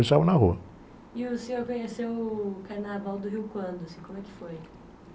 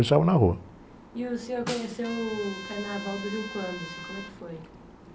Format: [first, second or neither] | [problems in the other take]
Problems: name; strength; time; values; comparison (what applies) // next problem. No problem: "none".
first | background sound (Snare drum + Trumpet); 11 dB below the speech